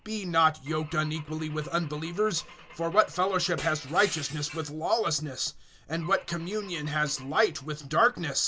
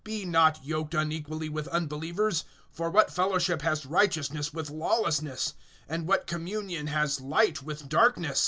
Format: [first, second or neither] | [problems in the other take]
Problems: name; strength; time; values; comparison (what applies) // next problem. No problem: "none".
second | background sound (Glass / Engine / Car); 19 dB below the speech